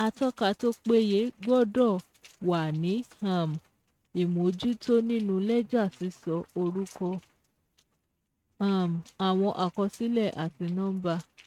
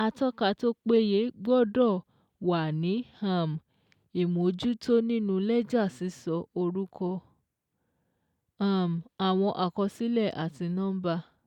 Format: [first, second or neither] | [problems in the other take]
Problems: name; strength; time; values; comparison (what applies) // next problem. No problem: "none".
second | noise reduction (neural mask model RNNoise)